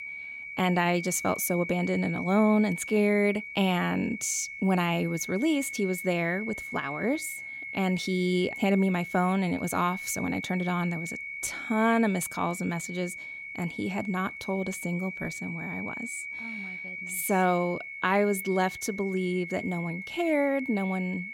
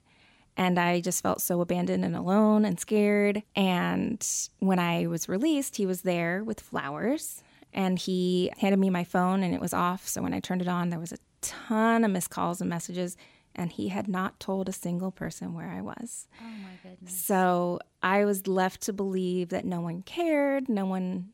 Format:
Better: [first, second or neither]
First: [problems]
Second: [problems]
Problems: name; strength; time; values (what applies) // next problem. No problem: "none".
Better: second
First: high-pitched whine; loud; throughout; 2 kHz, 8 dB below the speech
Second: none